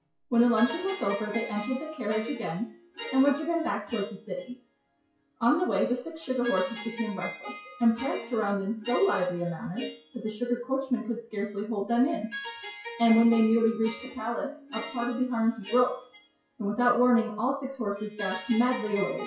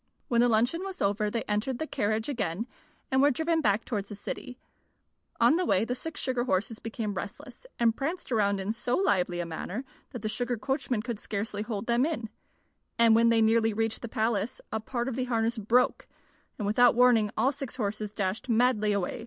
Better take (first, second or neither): second